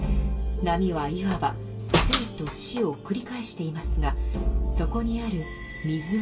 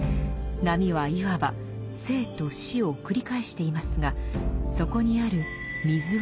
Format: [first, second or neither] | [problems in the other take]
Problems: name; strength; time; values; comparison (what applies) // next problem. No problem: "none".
second | background sound (Slam); 5 dB below the speech // room echo; dies away in 0.2 s